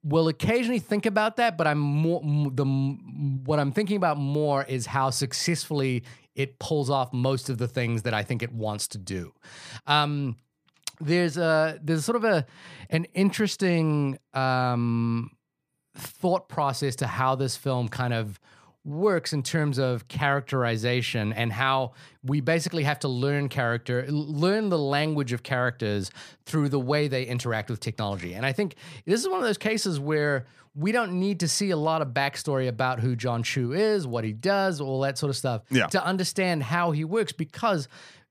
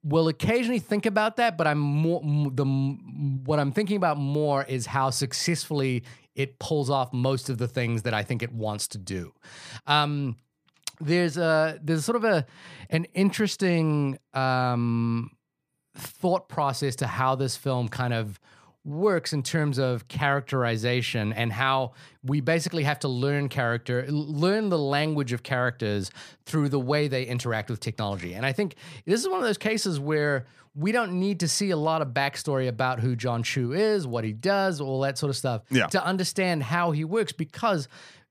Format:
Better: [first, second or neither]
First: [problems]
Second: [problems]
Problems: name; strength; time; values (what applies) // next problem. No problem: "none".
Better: neither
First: none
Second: none